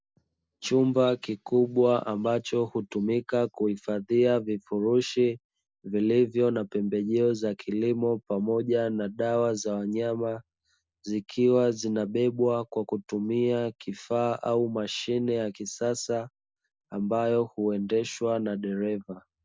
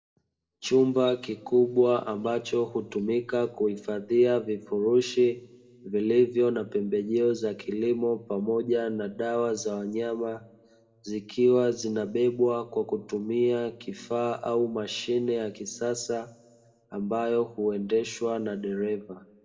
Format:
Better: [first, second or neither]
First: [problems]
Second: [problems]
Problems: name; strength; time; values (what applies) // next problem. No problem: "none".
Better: first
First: none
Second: room echo; dies away in 1.1 s